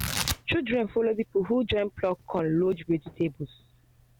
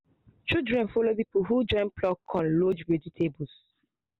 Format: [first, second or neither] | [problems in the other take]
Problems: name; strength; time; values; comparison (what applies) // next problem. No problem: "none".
second | background sound (Tearing); 11 dB below the speech